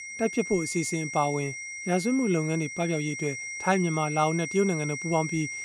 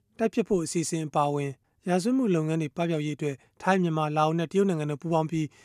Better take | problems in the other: second | high-pitched whine; loud; throughout; 2 kHz, 6 dB below the speech

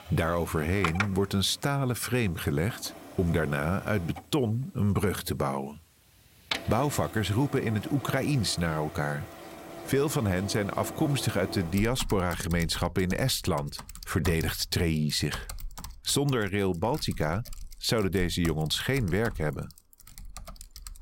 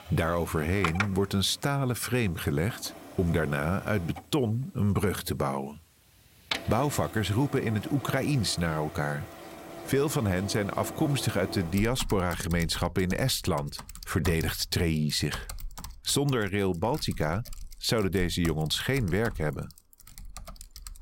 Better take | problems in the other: neither | household noises; noticeable; throughout; 15 dB below the speech; the same in both

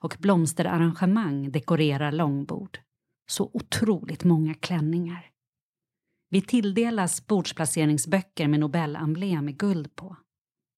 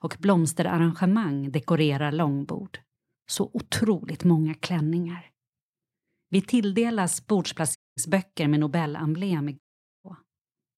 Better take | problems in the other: first | audio cutting out; at 8 s and at 9.5 s

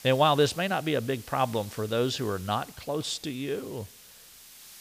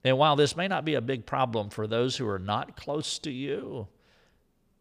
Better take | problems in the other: second | hiss; noticeable; throughout; 20 dB below the speech

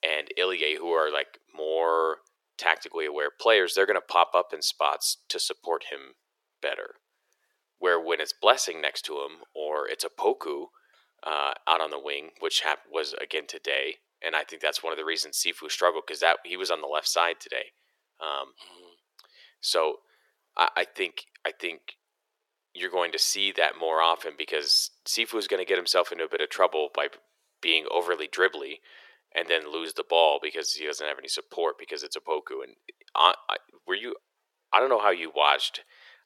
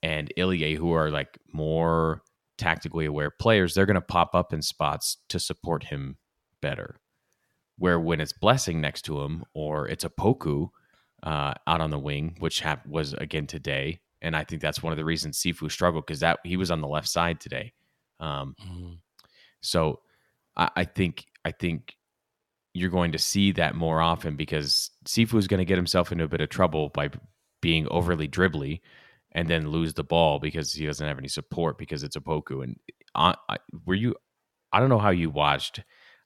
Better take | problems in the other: second | thin; very; fading below 400 Hz

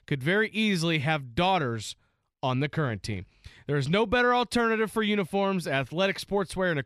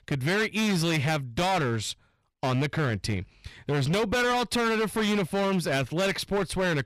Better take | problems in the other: first | distortion; heavy; 26% of the sound clipped

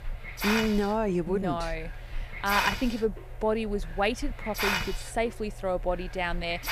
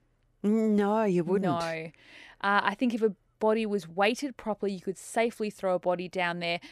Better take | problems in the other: second | hiss; loud; throughout; 4 dB below the speech

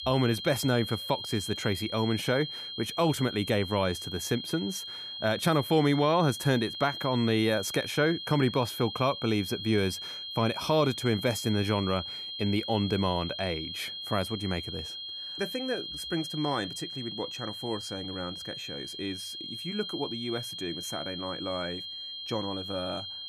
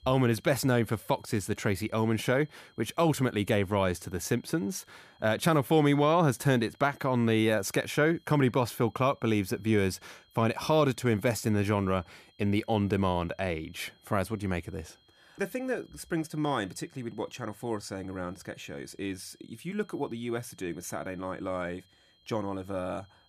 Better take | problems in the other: second | high-pitched whine; loud; throughout; 3 kHz, 7 dB below the speech; faint in the second

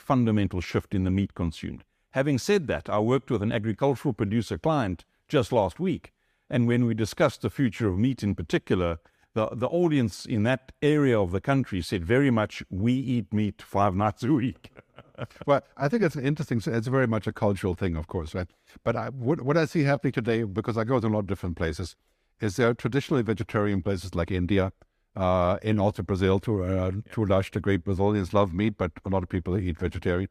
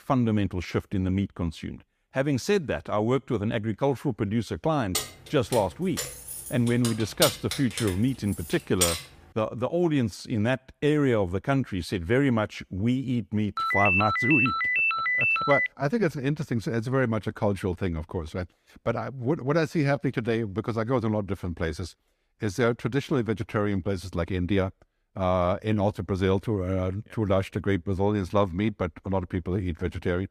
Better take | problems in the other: first | jangling keys; loud; from 5 to 9 s; peak 2 dB above the speech // phone ringing; loud; from 14 to 16 s; peak 5 dB above the speech

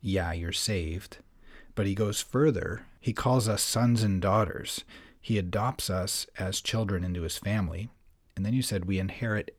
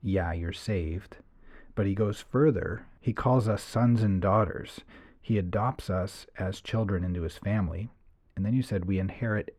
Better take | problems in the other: first | muffled; very; fading above 3 kHz

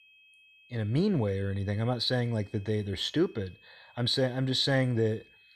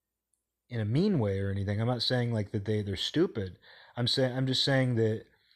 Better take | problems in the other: second | high-pitched whine; faint; throughout; 2.5 kHz, 30 dB below the speech

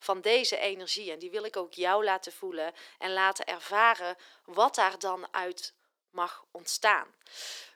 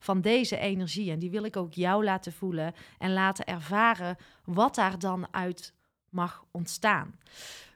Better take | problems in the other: second | thin; very; fading below 350 Hz

